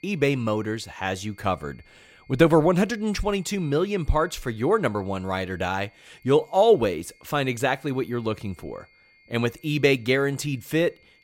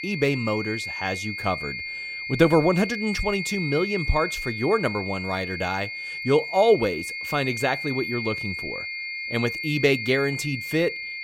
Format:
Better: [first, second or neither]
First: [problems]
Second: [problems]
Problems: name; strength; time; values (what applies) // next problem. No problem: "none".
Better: first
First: high-pitched whine; faint; throughout; 2 kHz, 30 dB below the speech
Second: high-pitched whine; loud; throughout; 2 kHz, 5 dB below the speech